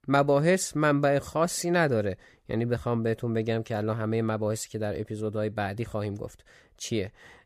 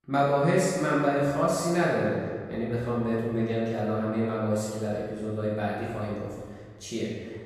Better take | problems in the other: first | room echo; strong; dies away in 1.5 s // off-mic speech; far

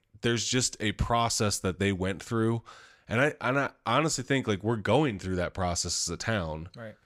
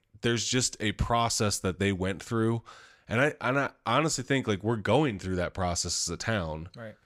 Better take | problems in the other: neither | none

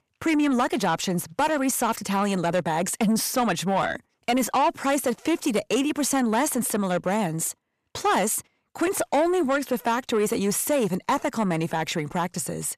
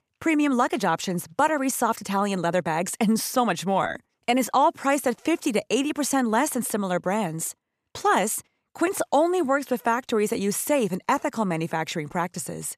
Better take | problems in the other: second | distortion; slight; 10 dB below the speech

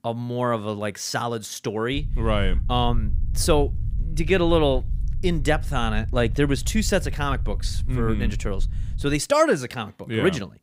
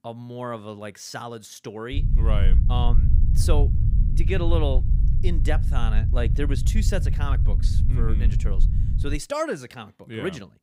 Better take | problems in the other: first | low rumble; loud; from 2 to 9 s; 8 dB below the speech; faint in the first

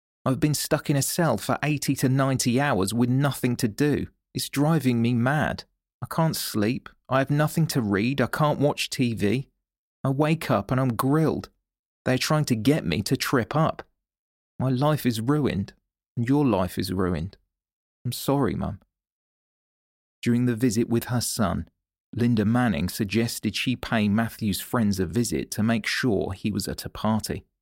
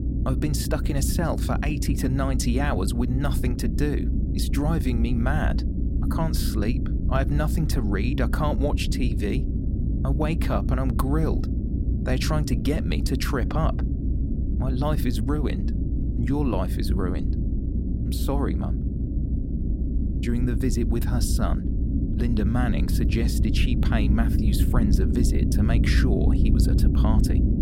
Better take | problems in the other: first | low rumble; loud; throughout; 5 dB below the speech

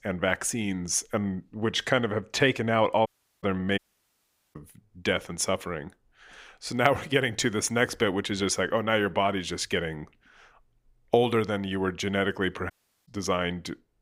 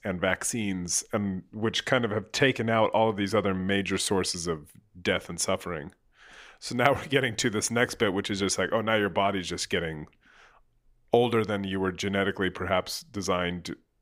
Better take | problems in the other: second | audio cutting out; at 3 s, at 4 s for 1 s and at 13 s

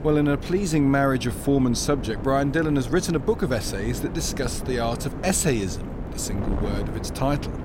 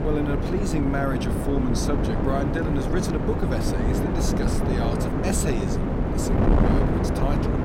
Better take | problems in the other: first | wind noise on the microphone; heavy; 2 dB above the speech; occasional gusts in the first

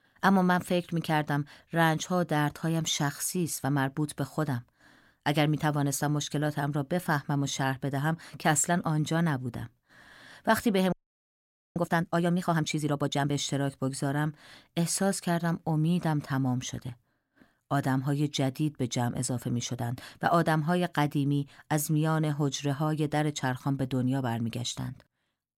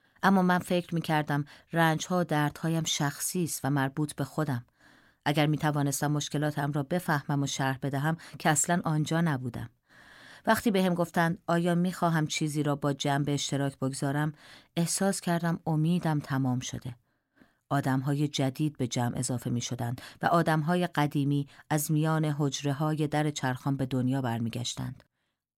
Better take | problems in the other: second | audio freezing; at 11 s for 1 s

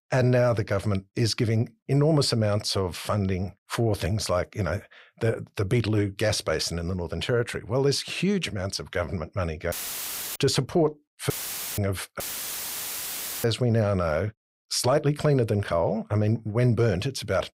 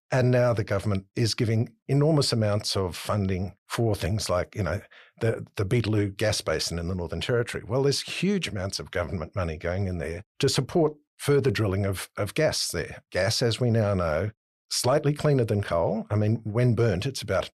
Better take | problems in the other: second | audio cutting out; filled with static; at 9.5 s for 0.5 s, at 11 s and at 12 s for 1 s

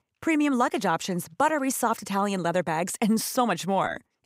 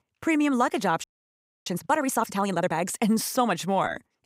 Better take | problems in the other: first | audio freezing; at 1 s for 0.5 s

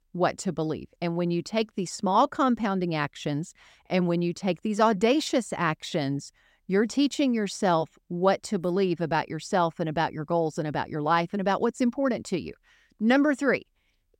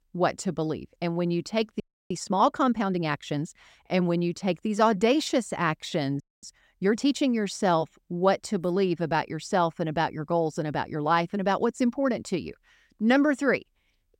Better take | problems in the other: first | audio freezing; at 2 s and at 6 s

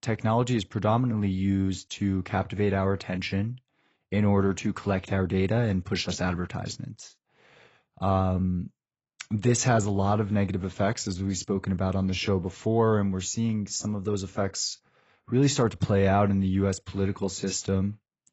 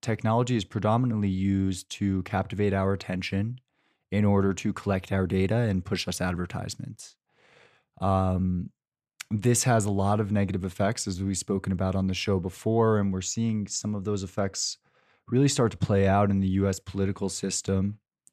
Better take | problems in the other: second | garbled, watery; badly; nothing above 8 kHz

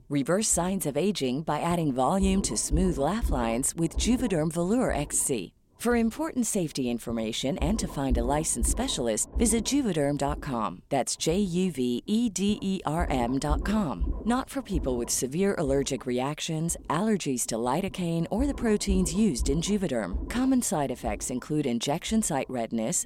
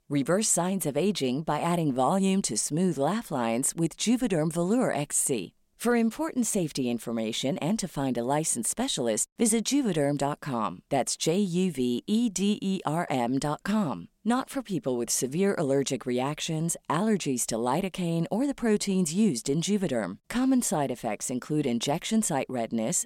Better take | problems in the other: second | low rumble; noticeable; throughout; 20 dB below the speech

